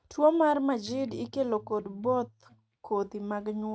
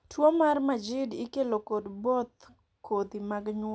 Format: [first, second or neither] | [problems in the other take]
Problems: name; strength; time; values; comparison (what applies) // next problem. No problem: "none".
second | noise reduction (neural mask model RNNoise)